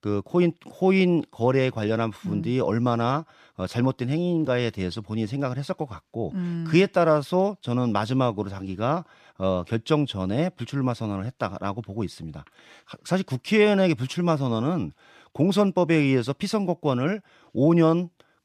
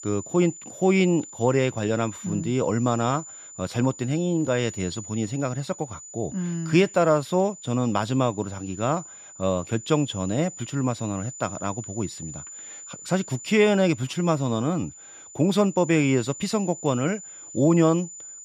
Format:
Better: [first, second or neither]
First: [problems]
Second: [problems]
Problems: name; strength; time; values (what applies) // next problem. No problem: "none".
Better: first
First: none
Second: high-pitched whine; noticeable; throughout; 7 kHz, 15 dB below the speech